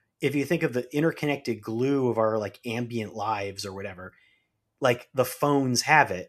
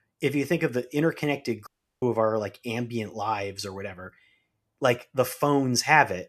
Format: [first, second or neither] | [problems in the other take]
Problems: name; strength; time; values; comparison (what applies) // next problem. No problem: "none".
first | audio cutting out; at 1.5 s